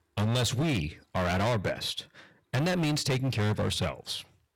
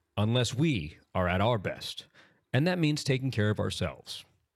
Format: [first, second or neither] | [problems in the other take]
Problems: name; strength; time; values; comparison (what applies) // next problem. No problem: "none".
second | distortion; heavy; 21% of the sound clipped